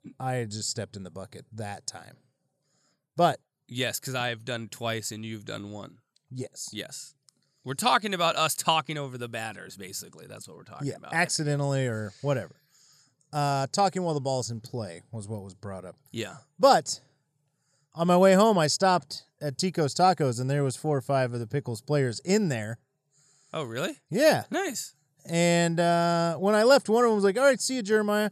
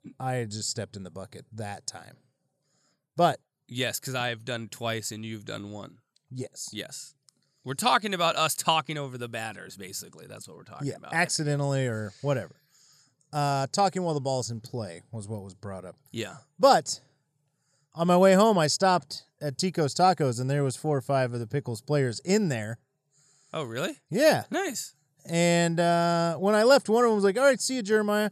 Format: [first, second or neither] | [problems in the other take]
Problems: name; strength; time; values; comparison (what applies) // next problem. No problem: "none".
neither | none